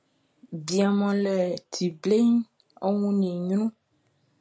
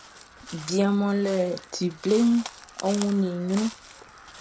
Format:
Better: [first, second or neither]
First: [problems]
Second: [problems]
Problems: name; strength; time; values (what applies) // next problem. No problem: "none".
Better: first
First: none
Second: background sound (Crow); 16 dB below the speech